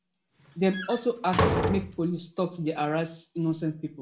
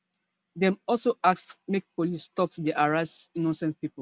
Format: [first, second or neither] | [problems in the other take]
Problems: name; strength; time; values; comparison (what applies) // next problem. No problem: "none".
second | background sound (Slam); 1 dB below the speech // room echo; dies away in 0.4 s